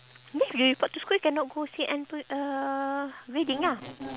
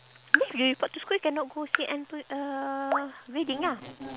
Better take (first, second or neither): first